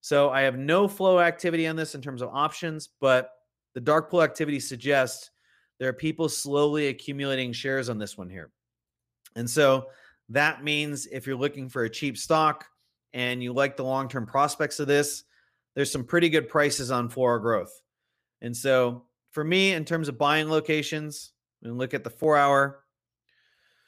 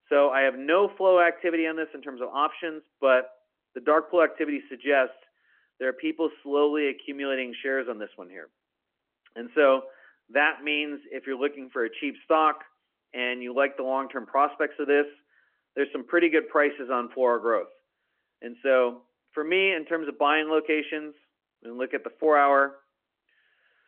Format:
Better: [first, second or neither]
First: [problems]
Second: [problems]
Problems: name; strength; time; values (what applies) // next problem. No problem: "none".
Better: first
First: none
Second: phone-call audio